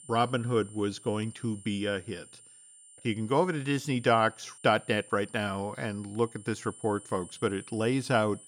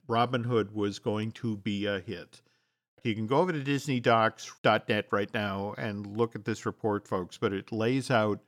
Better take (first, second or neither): second